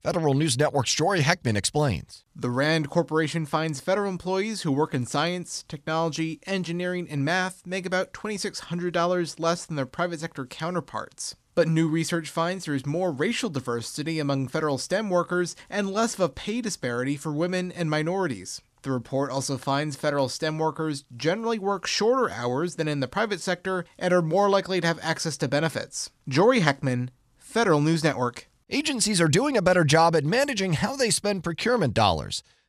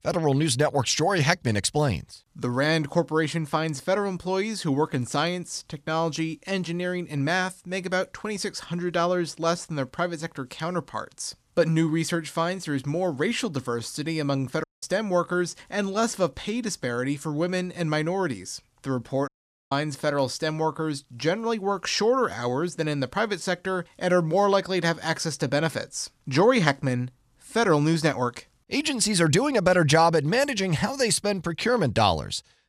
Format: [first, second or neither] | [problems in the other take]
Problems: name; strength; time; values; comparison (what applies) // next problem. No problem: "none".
first | audio cutting out; at 15 s and at 19 s